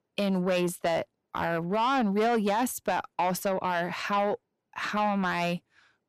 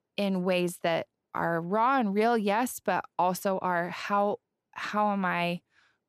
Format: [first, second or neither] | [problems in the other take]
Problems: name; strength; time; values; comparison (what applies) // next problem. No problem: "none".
second | distortion; slight; 10 dB below the speech